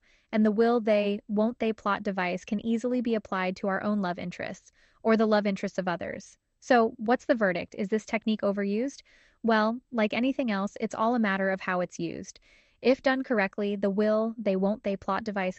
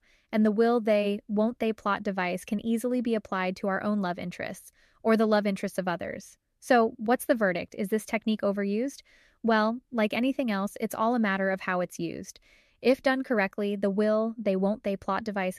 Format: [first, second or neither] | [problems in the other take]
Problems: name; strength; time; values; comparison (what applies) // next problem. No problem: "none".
second | garbled, watery; slightly; nothing above 7 kHz